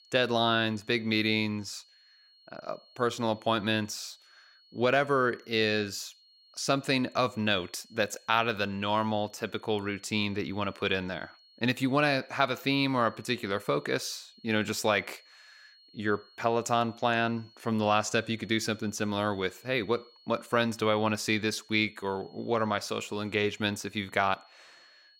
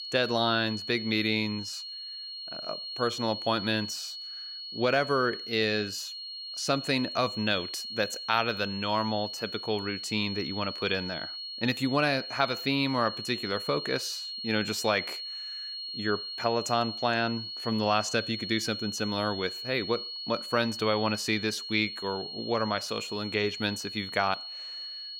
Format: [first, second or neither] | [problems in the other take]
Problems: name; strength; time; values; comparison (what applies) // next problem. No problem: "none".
first | high-pitched whine; loud; throughout; 4.5 kHz, 6 dB below the speech; faint in the first